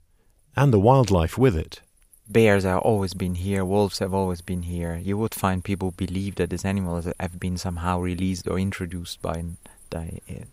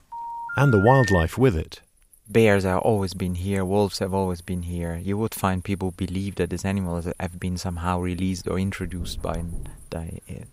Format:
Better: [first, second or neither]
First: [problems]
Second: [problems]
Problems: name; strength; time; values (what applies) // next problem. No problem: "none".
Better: first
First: none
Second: phone ringing; noticeable; until 1 s; peak 2 dB below the speech // dog barking; faint; from 8.5 to 10 s; peak 15 dB below the speech